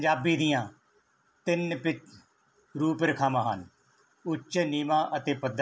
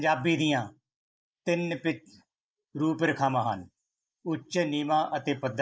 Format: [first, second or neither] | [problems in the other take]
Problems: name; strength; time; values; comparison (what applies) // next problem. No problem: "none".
first | noise reduction (neural mask model Resemble Enhance denoiser)